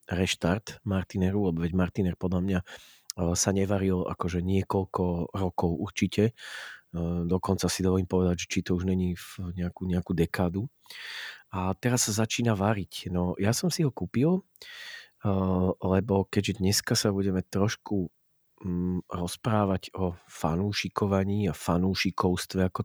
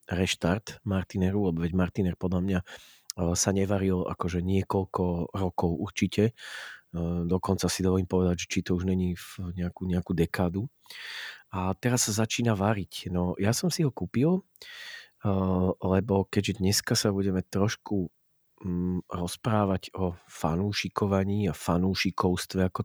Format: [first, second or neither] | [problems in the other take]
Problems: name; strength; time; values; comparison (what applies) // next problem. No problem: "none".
neither | none